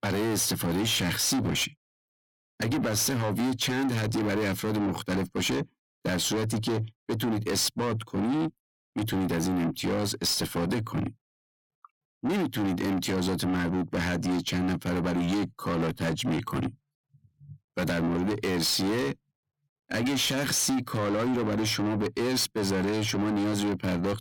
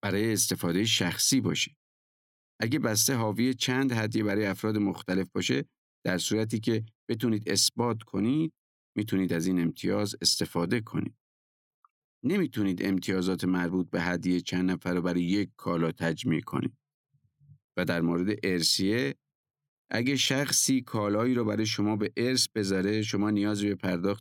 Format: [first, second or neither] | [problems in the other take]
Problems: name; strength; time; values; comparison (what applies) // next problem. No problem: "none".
second | distortion; heavy; 6 dB below the speech